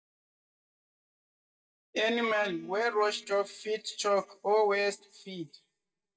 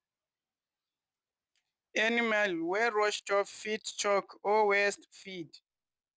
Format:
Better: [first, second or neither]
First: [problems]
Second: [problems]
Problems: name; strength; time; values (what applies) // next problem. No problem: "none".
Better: second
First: noise reduction (neural mask model DeepFilterNet 3)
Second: none